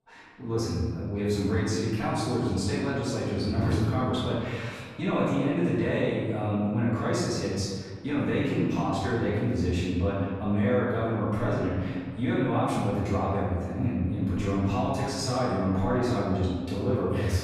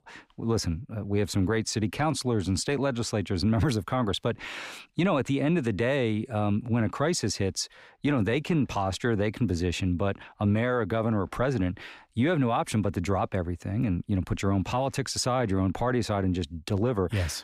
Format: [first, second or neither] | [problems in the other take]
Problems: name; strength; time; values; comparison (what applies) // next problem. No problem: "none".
second | room echo; strong; dies away in 1.6 s // off-mic speech; far